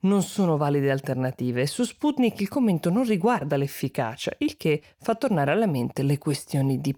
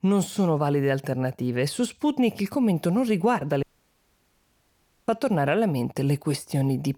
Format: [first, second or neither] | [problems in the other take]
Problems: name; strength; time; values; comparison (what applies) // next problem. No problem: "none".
first | audio cutting out; at 3.5 s for 1.5 s